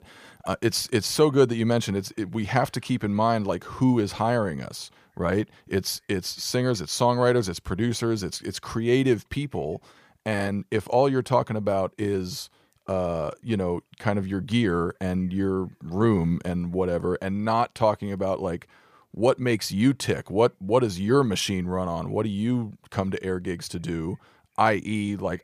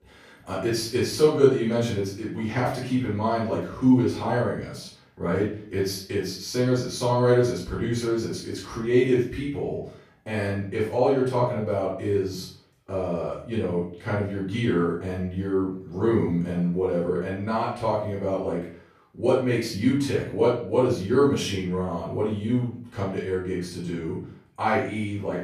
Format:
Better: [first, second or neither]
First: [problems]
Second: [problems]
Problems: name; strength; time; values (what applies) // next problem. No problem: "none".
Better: first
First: none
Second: off-mic speech; far // room echo; noticeable; dies away in 0.5 s